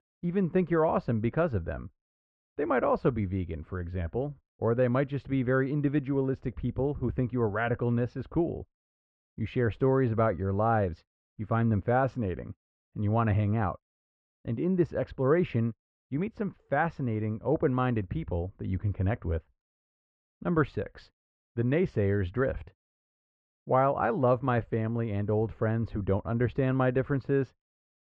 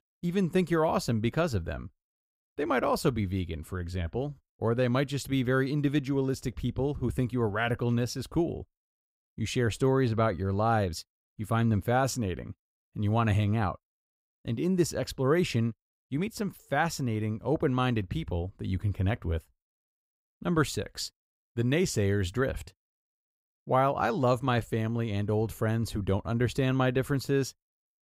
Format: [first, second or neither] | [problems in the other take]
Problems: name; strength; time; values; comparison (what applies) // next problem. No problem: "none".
second | muffled; very; fading above 2 kHz